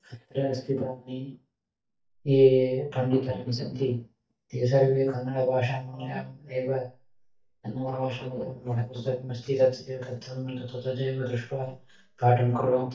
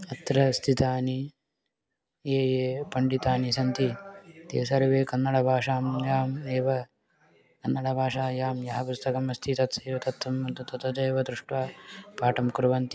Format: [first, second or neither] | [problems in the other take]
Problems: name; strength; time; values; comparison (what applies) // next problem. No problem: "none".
second | noise reduction (neural mask model DeepFilterNet 3)